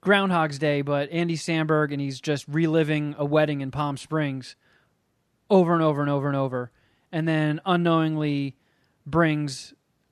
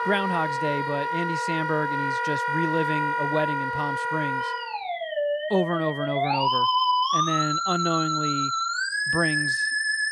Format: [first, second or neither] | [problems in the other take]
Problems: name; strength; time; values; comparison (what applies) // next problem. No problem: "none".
first | background music; very loud; throughout; 4 dB above the speech